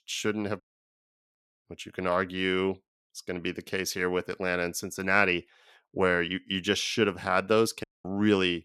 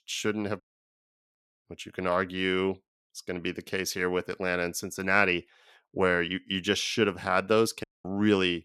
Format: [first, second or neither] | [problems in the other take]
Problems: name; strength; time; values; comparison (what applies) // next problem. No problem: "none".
neither | audio cutting out; at 0.5 s for 0.5 s and at 8 s; the same in both